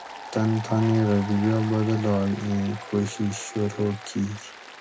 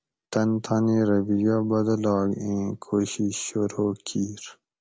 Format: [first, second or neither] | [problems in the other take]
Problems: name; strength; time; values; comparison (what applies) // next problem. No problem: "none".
second | background sound (Applause); 14 dB below the speech // room echo; dies away in 0.2 s